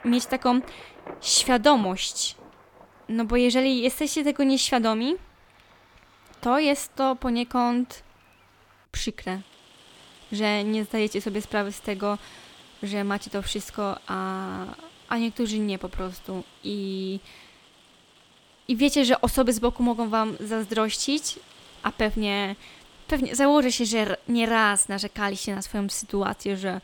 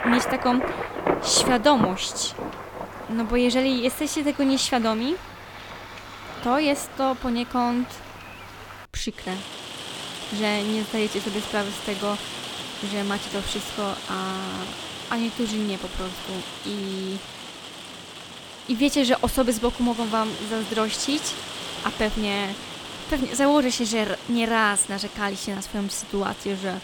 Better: first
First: rain or running water; faint; throughout; 25 dB below the speech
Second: rain or running water; loud; throughout; 8 dB below the speech

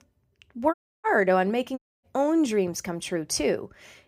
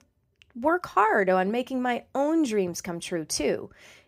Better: second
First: audio cutting out; at 0.5 s and at 2 s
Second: none

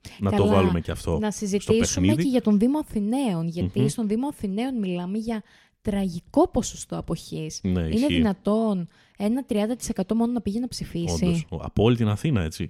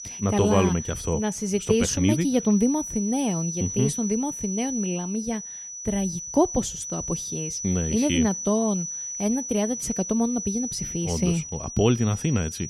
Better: first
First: none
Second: high-pitched whine; loud; throughout; 6 kHz, 7 dB below the speech

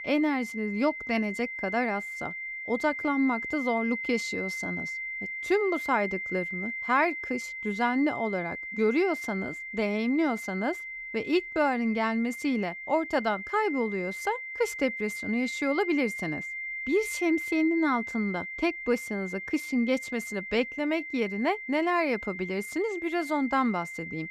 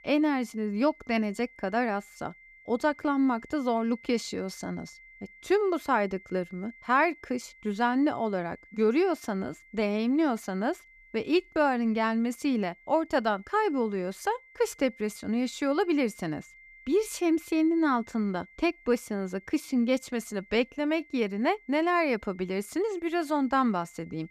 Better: second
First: high-pitched whine; loud; throughout; 2 kHz, 6 dB below the speech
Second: high-pitched whine; faint; throughout; 2 kHz, 25 dB below the speech

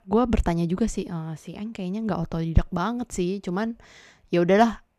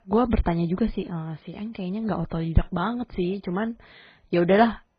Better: first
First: none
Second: garbled, watery; badly; nothing above 5 kHz

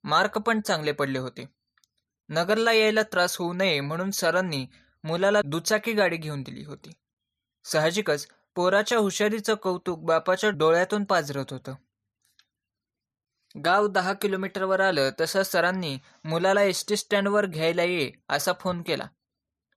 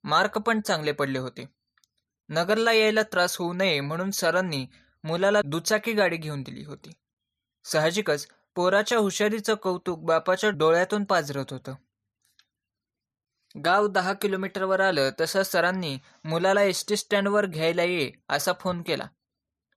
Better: neither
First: none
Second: none

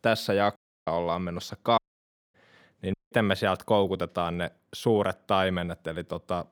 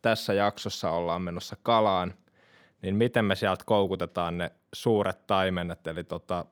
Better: second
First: audio cutting out; at 0.5 s, at 2 s for 0.5 s and at 3 s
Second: none

